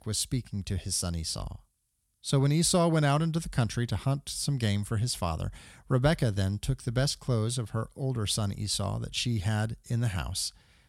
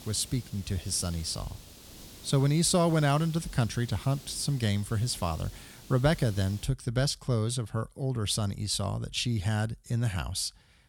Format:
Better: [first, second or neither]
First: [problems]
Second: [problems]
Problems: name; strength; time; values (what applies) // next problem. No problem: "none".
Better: first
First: none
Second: hiss; noticeable; until 6.5 s; 20 dB below the speech